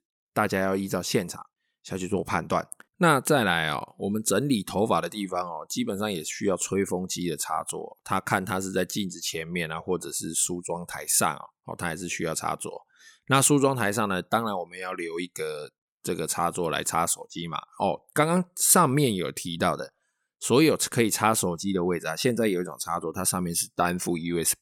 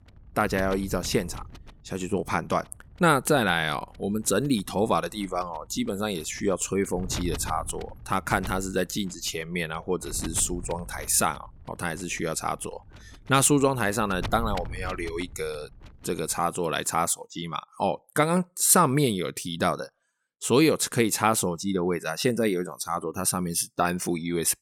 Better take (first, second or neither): first